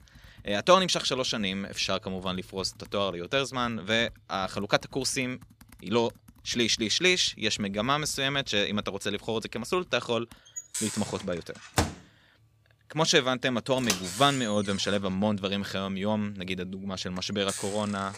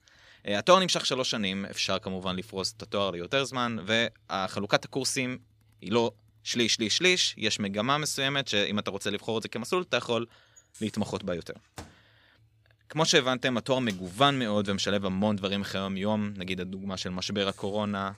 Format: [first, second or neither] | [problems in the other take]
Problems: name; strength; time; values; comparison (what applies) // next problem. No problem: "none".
second | household noises; loud; throughout; 7 dB below the speech; faint in the second